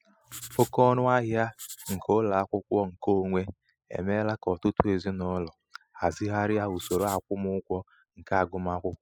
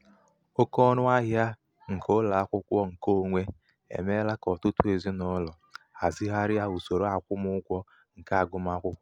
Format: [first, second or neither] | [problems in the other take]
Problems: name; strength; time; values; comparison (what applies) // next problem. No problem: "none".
second | noise reduction (classical method spectral subtraction)